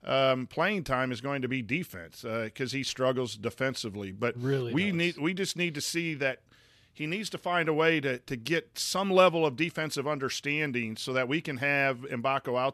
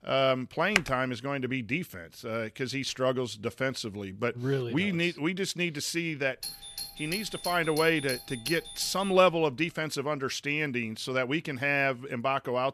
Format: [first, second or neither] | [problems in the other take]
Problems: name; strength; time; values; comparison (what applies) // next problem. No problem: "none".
first | keyboard typing; very faint; at 1 s; peak level with the speech // doorbell; noticeable; from 6.5 to 9 s; peak 7 dB below the speech